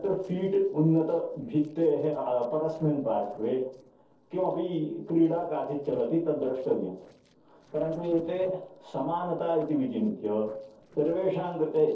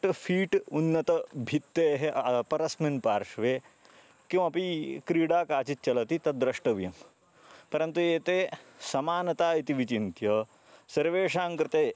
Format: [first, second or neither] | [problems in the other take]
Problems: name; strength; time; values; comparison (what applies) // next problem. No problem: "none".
second | noise reduction (neural separator model SepFormer DNS4)